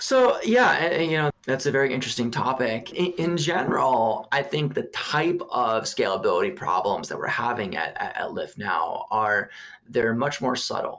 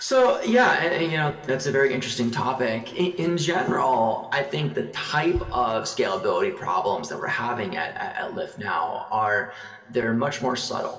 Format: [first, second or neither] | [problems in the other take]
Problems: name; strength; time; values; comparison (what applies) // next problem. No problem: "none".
first | background sound (Bass drum); 16 dB below the speech // room echo; dies away in 1.5 s